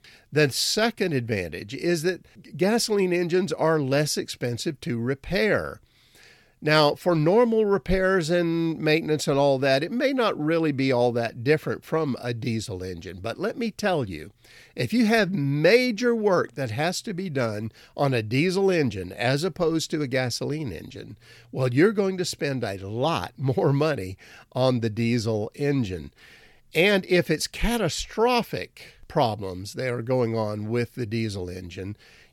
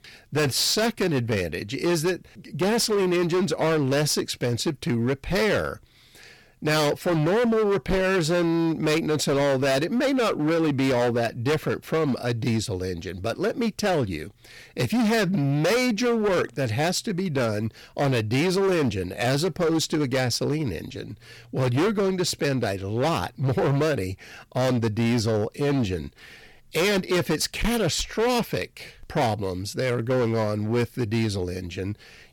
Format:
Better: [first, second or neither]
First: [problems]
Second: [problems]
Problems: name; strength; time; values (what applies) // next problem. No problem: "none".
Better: first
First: none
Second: distortion; heavy; 19% of the sound clipped